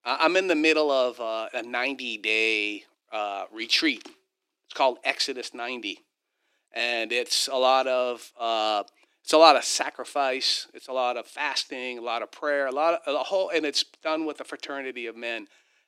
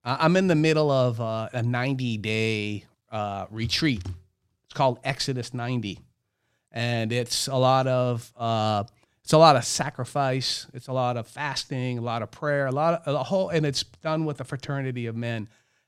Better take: second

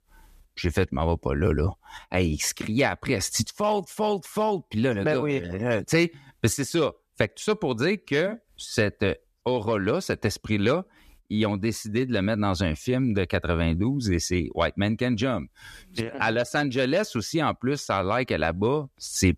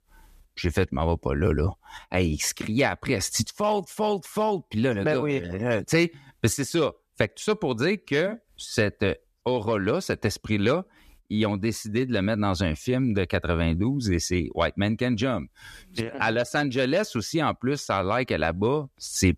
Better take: neither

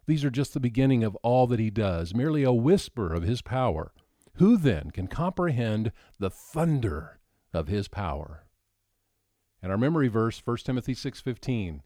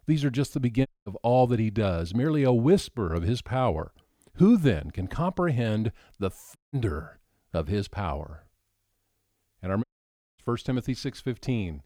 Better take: first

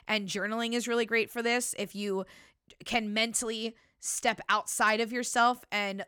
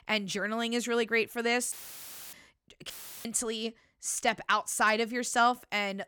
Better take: first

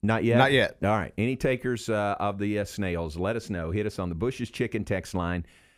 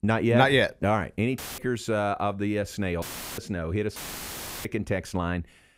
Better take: first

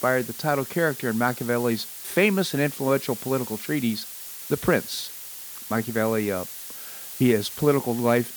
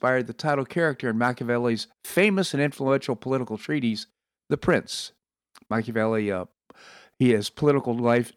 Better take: second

